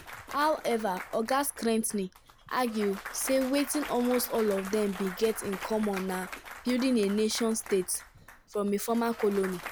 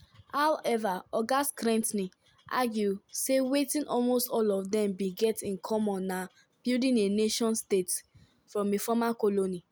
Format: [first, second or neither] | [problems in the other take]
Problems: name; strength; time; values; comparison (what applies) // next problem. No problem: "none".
second | background sound (Applause / Cheering / Clapping); 14 dB below the speech